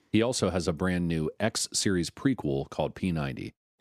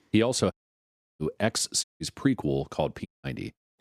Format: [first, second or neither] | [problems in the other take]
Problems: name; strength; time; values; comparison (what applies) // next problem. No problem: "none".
first | audio cutting out; at 0.5 s for 0.5 s, at 2 s and at 3 s